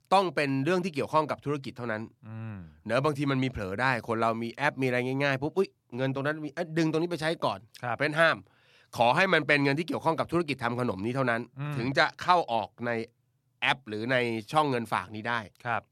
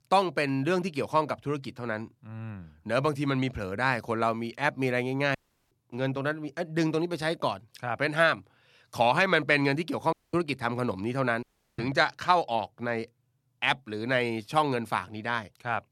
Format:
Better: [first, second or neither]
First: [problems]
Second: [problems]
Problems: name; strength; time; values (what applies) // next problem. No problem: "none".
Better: first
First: none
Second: audio cutting out; at 5.5 s, at 10 s and at 11 s